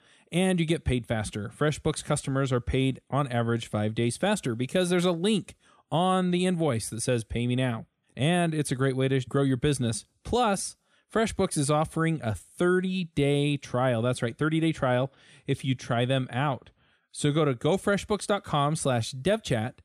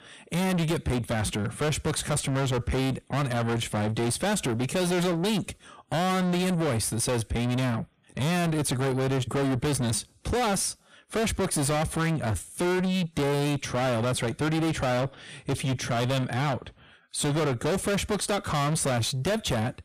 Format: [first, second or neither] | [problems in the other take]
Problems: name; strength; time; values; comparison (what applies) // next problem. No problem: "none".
first | distortion; heavy; 5 dB below the speech